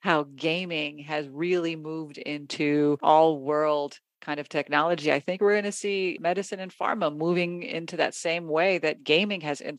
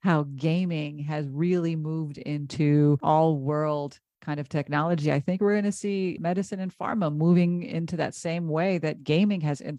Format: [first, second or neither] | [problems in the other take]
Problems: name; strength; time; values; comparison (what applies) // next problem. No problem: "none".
second | thin; somewhat; fading below 400 Hz